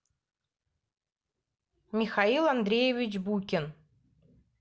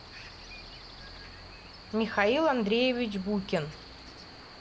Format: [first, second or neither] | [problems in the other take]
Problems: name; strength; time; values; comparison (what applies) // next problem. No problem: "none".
first | background sound (Cricket); 15 dB below the speech